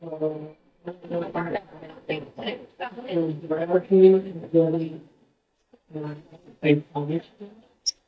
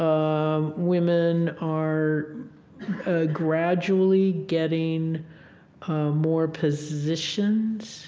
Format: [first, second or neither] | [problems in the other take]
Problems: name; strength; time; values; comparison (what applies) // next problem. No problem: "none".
second | noise reduction (neural mask model DeepFilterNet 3)